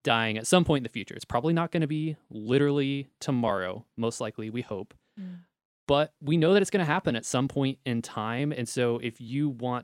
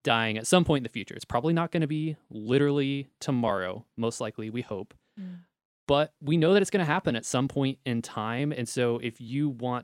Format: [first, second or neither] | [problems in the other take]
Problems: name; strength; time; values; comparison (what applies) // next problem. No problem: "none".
neither | none